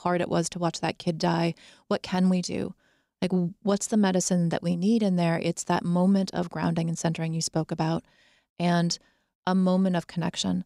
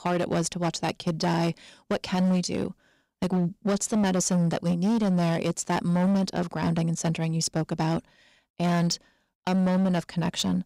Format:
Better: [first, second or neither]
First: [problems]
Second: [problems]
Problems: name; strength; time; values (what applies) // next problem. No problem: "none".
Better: first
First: none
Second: distortion; slight; 14% of the sound clipped